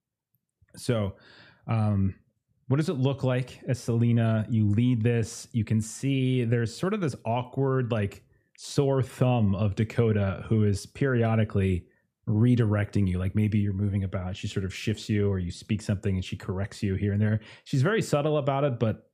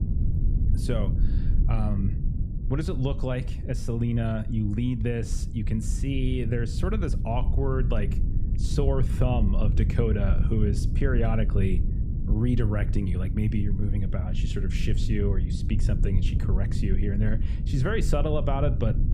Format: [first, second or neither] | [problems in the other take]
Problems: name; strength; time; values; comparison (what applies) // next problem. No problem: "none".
first | low rumble; loud; throughout; 9 dB below the speech